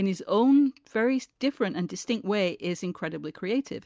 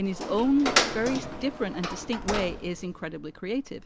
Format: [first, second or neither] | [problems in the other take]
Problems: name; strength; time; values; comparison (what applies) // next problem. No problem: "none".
first | background sound (Door); 3 dB below the speech